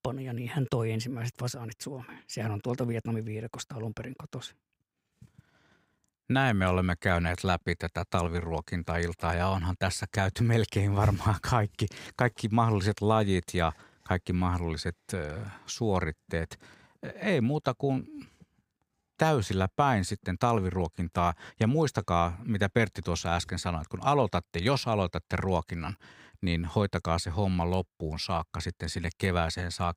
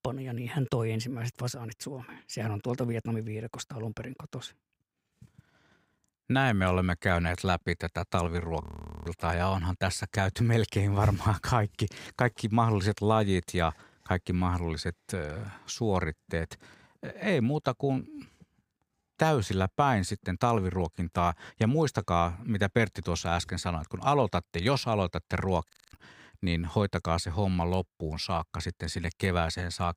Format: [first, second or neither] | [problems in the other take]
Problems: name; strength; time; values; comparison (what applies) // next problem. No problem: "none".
first | audio freezing; at 8.5 s and at 26 s